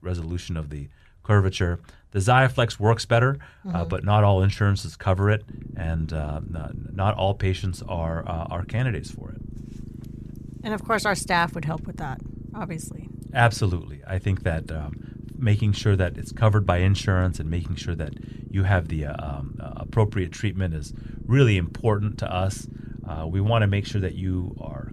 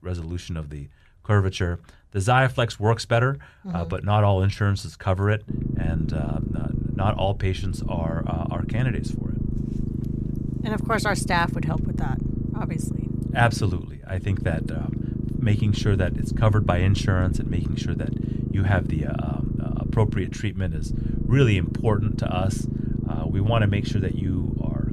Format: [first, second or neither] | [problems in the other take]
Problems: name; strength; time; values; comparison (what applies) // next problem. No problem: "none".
first | low rumble; loud; from 5.5 s on; 9 dB below the speech; faint in the first